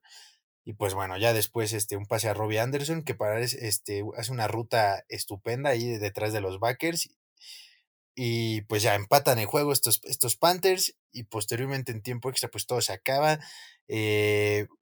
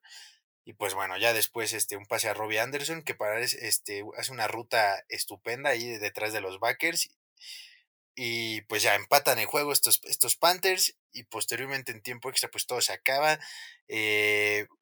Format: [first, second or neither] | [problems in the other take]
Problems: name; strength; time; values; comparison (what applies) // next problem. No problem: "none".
first | thin; somewhat; fading below 750 Hz